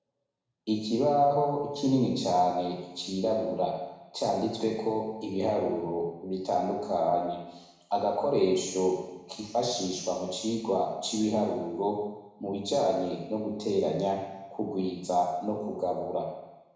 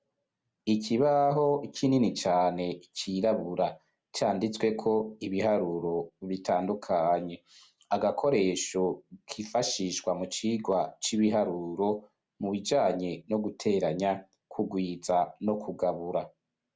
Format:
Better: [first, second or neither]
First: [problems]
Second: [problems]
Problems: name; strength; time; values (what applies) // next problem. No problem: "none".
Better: second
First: room echo; dies away in 1 s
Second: none